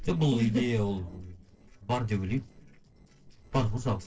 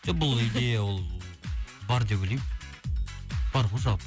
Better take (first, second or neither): second